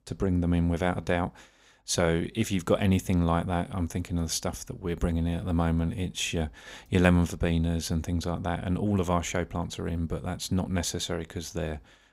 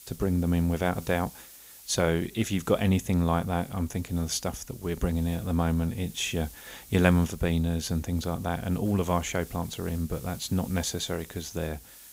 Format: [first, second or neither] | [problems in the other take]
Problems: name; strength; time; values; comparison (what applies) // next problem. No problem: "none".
first | hiss; noticeable; throughout; 20 dB below the speech